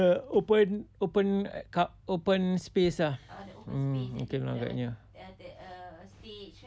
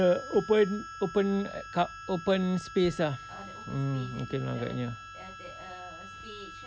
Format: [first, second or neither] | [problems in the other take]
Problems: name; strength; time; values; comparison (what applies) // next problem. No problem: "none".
first | background sound (Harmonica); 14 dB below the speech